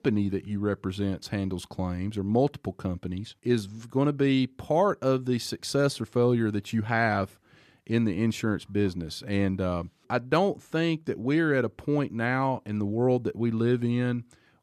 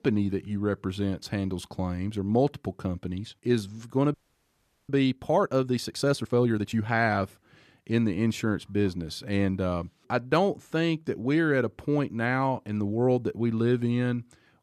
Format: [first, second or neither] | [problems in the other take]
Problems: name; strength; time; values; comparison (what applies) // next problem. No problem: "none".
first | audio freezing; at 4 s for 1 s